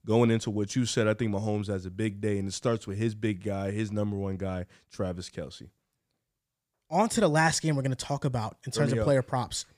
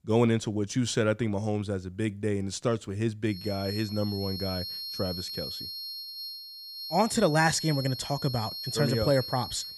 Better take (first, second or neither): first